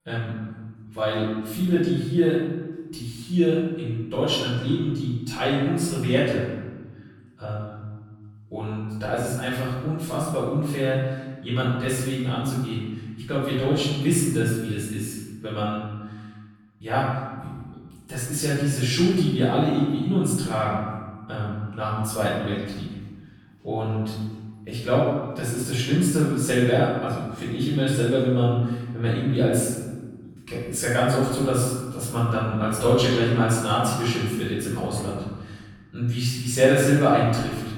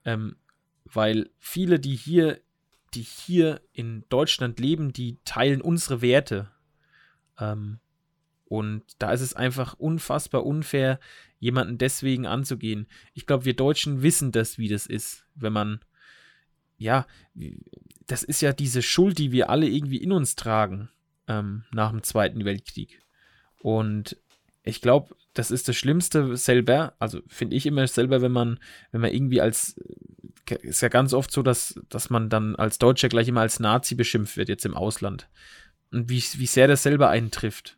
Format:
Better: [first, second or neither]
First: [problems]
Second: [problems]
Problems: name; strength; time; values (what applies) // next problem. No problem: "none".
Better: second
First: off-mic speech; far // room echo; noticeable; dies away in 1.2 s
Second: none